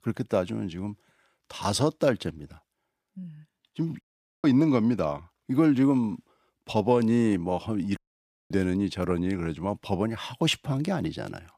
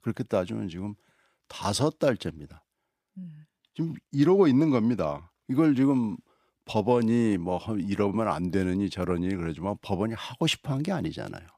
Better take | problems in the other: second | audio cutting out; at 4 s and at 8 s for 0.5 s

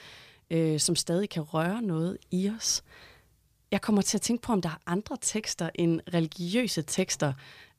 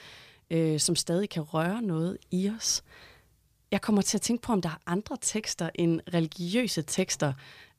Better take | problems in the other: neither | none

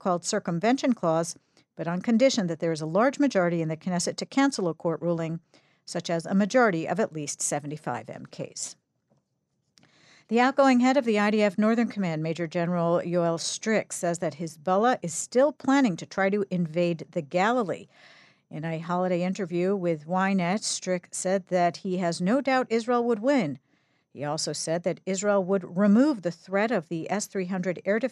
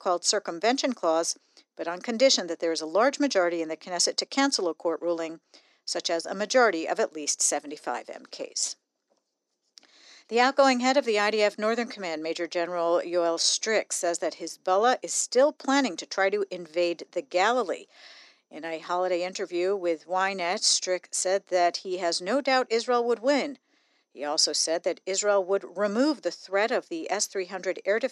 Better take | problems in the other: first | thin; somewhat; fading below 300 Hz

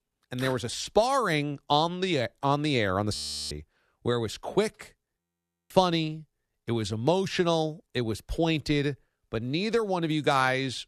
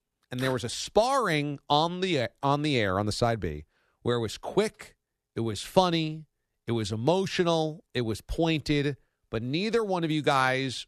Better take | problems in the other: second | audio freezing; at 3 s and at 5 s for 0.5 s

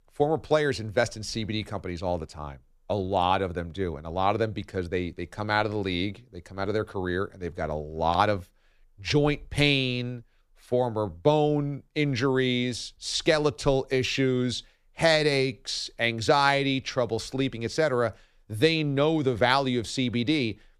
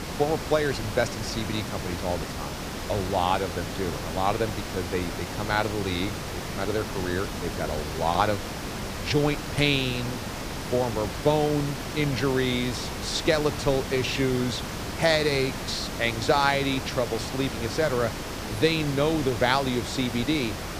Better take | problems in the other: first | hiss; loud; throughout; 6 dB below the speech

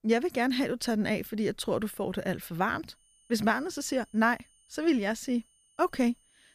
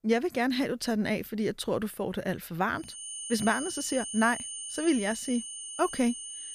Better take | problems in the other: first | high-pitched whine; loud; from 3 s on; 9 kHz, 6 dB below the speech; faint in the first

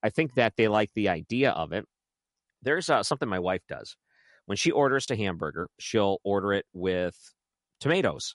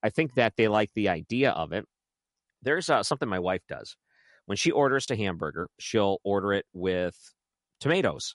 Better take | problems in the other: neither | garbled, watery; slightly; nothing above 11 kHz; the same in both

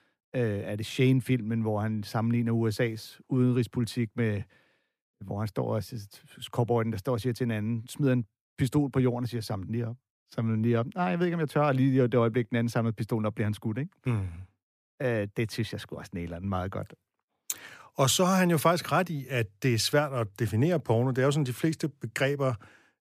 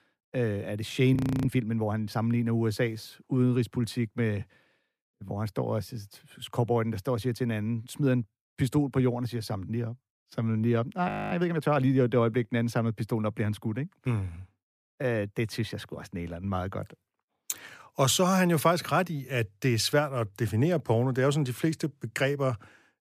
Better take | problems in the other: first | audio freezing; at 1 s and at 11 s

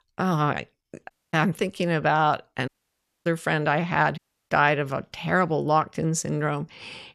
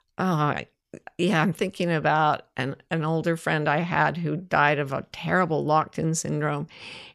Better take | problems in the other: second | audio cutting out; at 1 s, at 2.5 s for 0.5 s and at 4 s

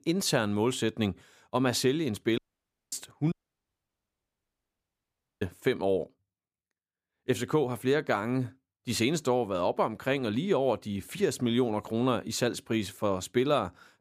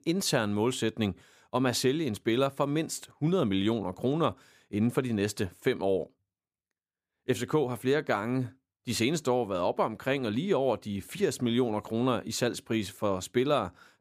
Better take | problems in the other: second | audio cutting out; at 2.5 s for 0.5 s and at 3.5 s for 2 s

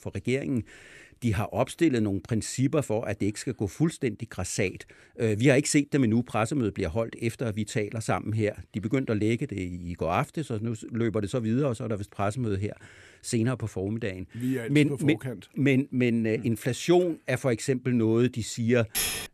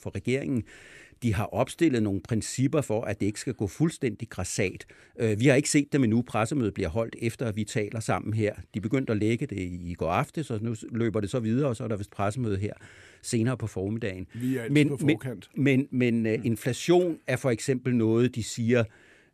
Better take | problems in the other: second | clattering dishes; loud; at 19 s; peak level with the speech

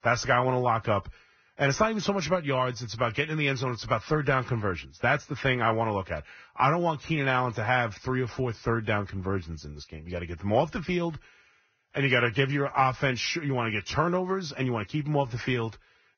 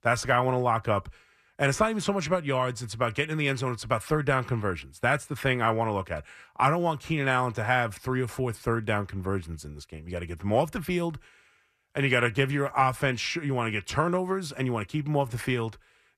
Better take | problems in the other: second | garbled, watery; badly; nothing above 6.5 kHz

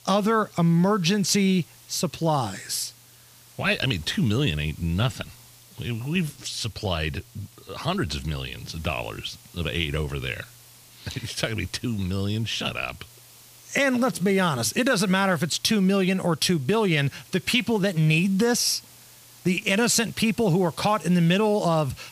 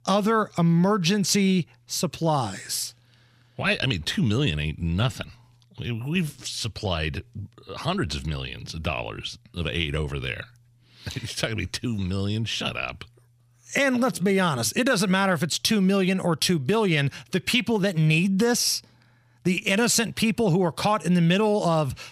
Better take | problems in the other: second | hiss; faint; throughout; 25 dB below the speech

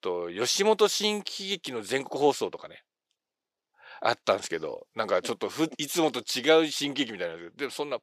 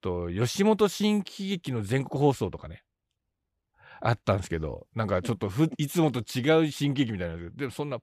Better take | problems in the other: second | thin; somewhat; fading below 450 Hz

